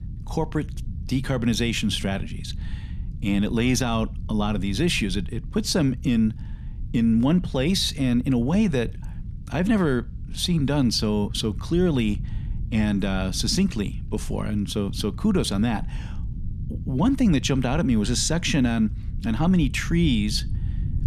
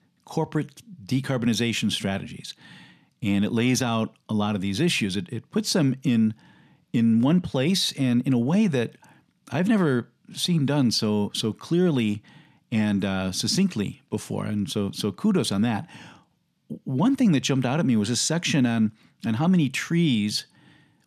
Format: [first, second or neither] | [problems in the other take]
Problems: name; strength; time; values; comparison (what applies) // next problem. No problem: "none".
second | low rumble; faint; throughout; 20 dB below the speech